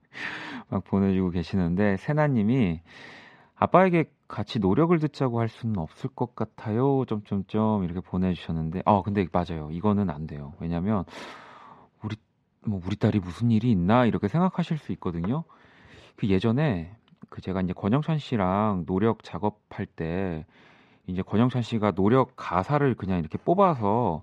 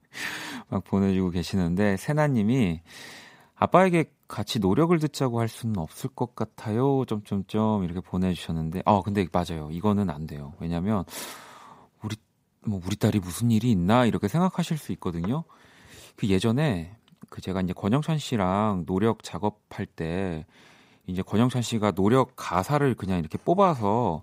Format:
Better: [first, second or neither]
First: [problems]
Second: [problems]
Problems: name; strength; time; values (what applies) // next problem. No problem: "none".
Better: second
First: muffled; slightly; fading above 3 kHz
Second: none